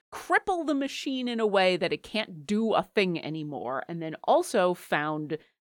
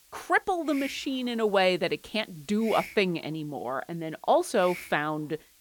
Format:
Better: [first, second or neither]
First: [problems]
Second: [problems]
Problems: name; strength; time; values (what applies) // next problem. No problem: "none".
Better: first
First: none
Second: hiss; noticeable; throughout; 15 dB below the speech